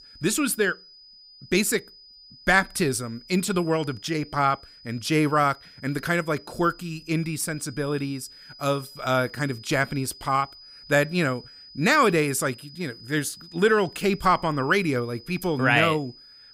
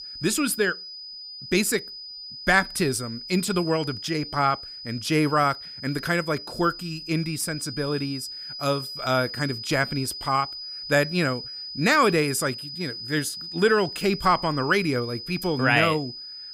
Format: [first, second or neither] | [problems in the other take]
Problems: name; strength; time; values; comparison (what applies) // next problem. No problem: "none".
first | high-pitched whine; loud; throughout; 5 kHz, 10 dB below the speech; faint in the first